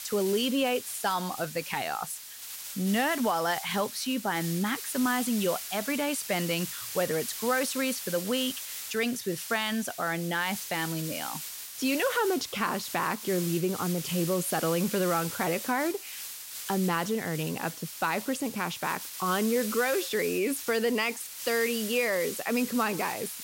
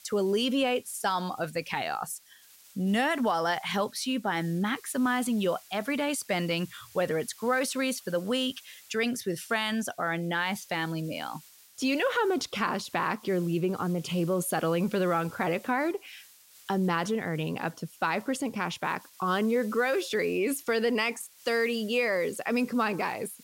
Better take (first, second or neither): second